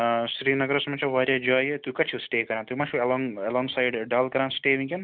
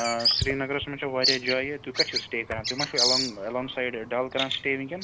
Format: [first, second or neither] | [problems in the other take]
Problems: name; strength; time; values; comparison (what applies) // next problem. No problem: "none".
first | background sound (Bird vocalization, bird call, bird song); as loud as the speech